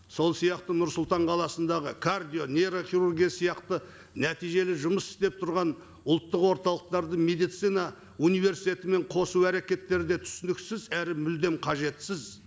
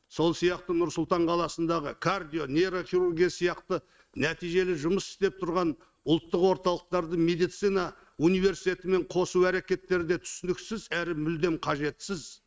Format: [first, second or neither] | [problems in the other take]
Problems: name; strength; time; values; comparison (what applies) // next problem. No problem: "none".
first | noise reduction (neural mask model RNNoise)